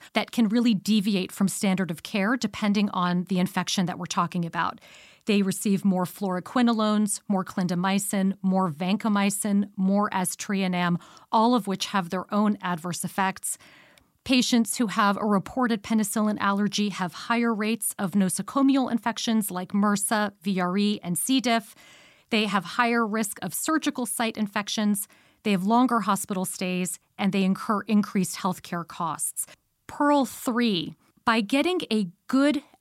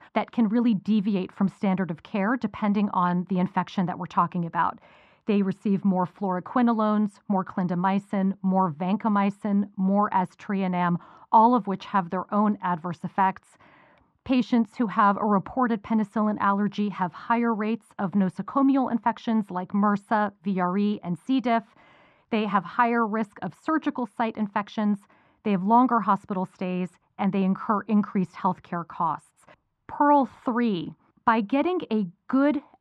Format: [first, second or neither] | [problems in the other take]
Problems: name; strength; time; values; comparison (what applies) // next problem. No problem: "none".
first | muffled; very; fading above 1.5 kHz